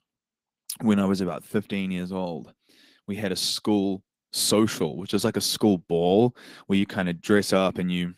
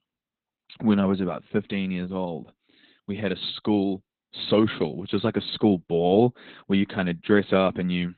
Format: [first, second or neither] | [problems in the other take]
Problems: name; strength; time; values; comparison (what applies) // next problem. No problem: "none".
first | garbled, watery; badly; nothing above 4 kHz; slightly in the first